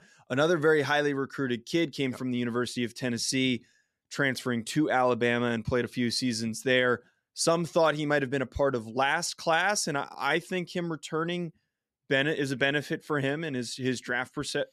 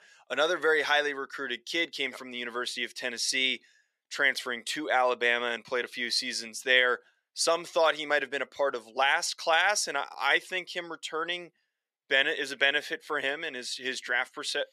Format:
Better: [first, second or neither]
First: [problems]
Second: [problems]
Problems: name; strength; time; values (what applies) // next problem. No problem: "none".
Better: first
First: none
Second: thin; very; fading below 600 Hz